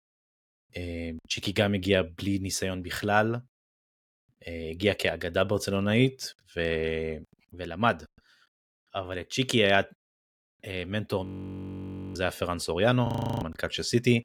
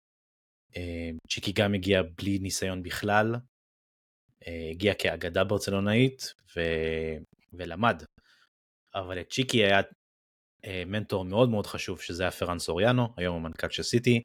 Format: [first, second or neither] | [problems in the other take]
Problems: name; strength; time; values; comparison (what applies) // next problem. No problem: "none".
second | audio freezing; at 11 s for 1 s and at 13 s